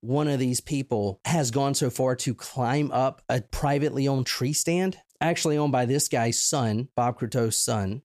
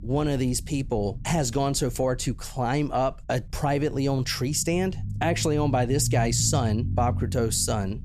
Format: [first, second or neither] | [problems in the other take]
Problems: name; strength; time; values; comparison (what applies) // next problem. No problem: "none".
first | low rumble; noticeable; throughout; 20 dB below the speech